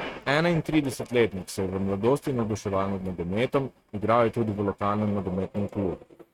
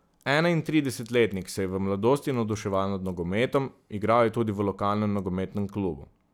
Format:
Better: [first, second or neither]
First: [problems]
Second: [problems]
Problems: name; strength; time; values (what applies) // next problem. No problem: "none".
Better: second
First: noise reduction (neural mask model RNNoise)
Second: none